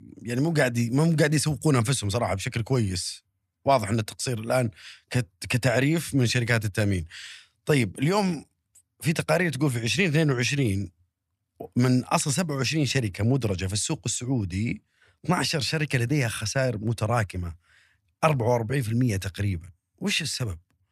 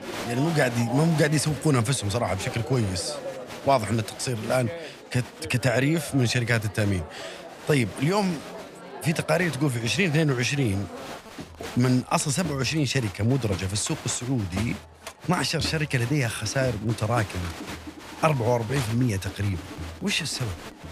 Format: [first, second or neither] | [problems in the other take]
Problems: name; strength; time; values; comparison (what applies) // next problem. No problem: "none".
first | crowd noise; noticeable; throughout; 10 dB below the speech